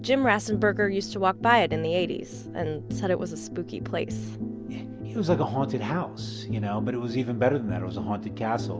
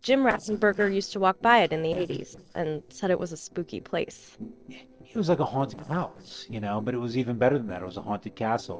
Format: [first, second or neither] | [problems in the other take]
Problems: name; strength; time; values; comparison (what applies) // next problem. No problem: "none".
first | noise reduction (neural separator model SepFormer DNS4)